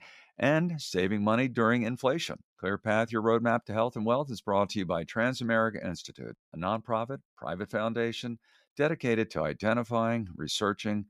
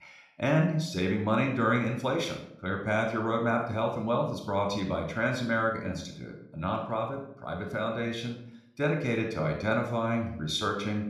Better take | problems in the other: first | room echo; slight; dies away in 0.6 s

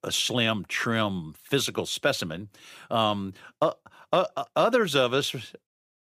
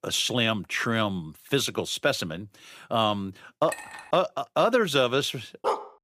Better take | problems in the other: first | clattering dishes; faint; at 3.5 s; peak 10 dB below the speech // dog barking; noticeable; at 5.5 s; peak 4 dB below the speech

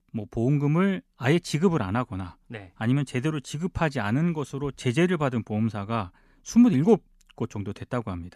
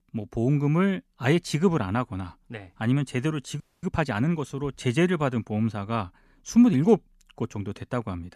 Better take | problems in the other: first | audio freezing; at 3.5 s

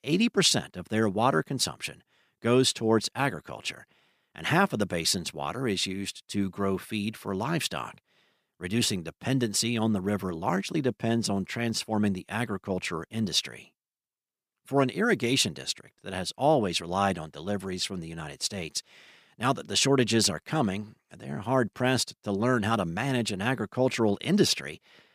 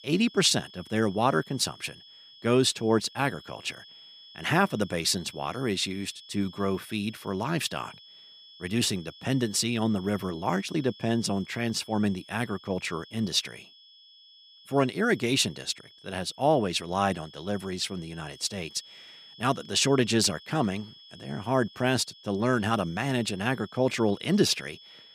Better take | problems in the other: first | high-pitched whine; faint; throughout; 3.5 kHz, 20 dB below the speech

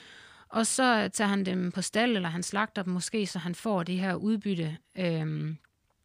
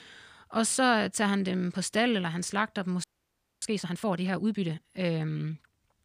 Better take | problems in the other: first | audio freezing; at 3 s for 0.5 s

